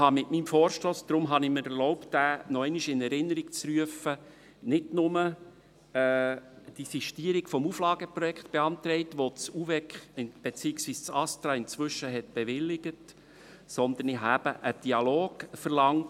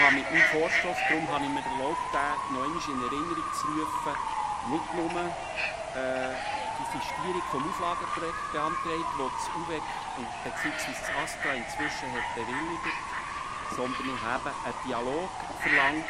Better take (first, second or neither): first